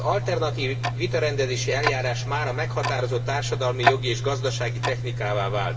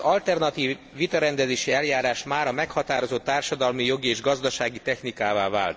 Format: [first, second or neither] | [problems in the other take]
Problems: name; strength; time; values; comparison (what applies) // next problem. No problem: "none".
second | background sound (Tick-tock); 1 dB below the speech // room echo; dies away in 2.8 s